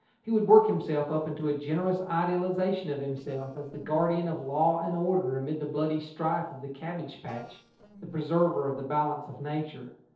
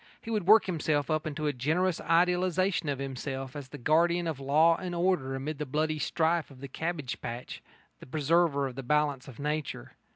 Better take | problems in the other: second | noise reduction (neural separator model SepFormer DNS4)

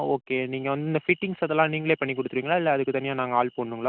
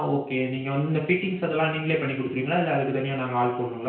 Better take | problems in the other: first | room echo; dies away in 0.5 s

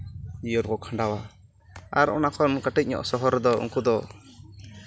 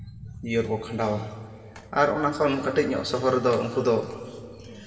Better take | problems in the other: first | room echo; dies away in 2.3 s

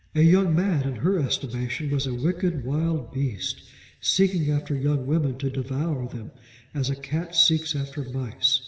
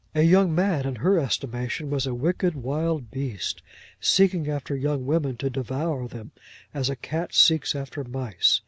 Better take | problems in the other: second | room echo; dies away in 1.4 s

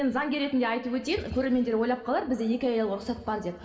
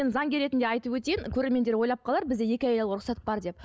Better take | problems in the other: second | room echo; dies away in 2.1 s

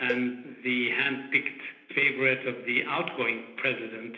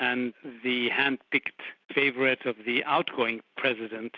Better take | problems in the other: second | noise reduction (neural separator model SepFormer DNS4)

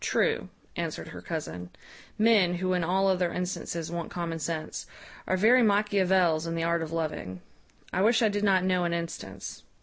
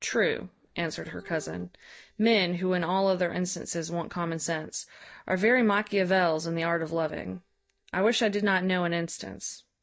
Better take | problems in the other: first | noise reduction (neural mask model DeepFilterNet 3)

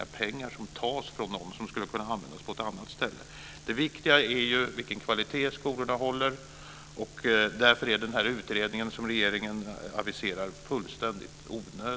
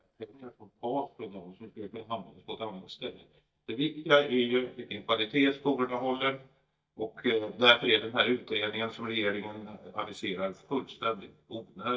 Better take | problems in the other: first | noise reduction (neural mask model DeepFilterNet 3)

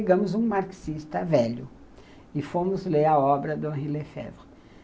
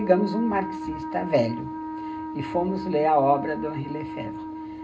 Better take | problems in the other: first | background sound (Wind instrument, woodwind instrument); 8 dB below the speech // room echo; dies away in 0.2 s

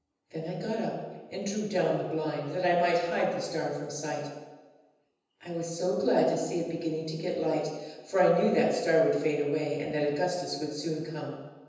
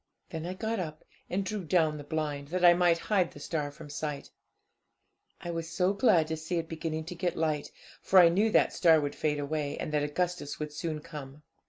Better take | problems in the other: second | room echo; dies away in 1.1 s

